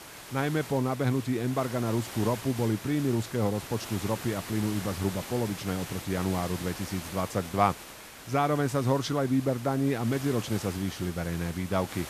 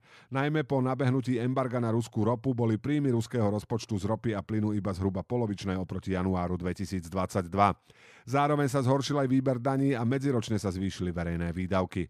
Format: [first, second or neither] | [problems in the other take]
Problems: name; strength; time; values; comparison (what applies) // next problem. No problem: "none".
second | hiss; noticeable; throughout; 10 dB below the speech